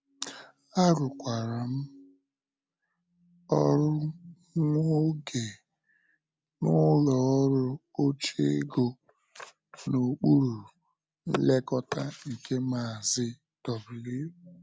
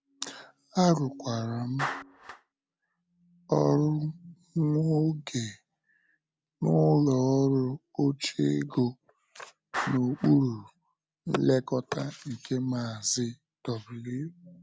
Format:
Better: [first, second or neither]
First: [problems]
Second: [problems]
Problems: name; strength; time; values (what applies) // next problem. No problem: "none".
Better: first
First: none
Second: background sound (Clapping); 17 dB below the speech